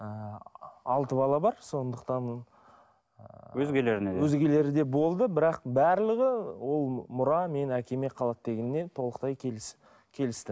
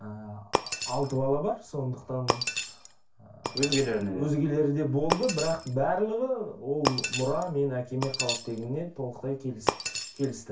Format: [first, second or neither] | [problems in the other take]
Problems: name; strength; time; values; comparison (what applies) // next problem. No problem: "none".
first | background sound (Shatter); 5 dB below the speech // room echo; dies away in 0.3 s